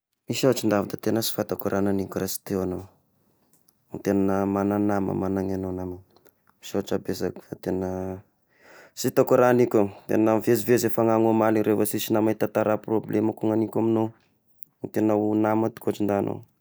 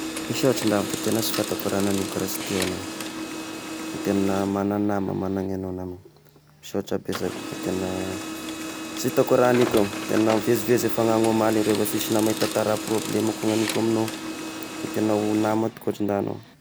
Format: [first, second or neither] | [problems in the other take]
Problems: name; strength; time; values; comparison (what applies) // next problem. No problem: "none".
first | background sound (Printer); 7 dB below the speech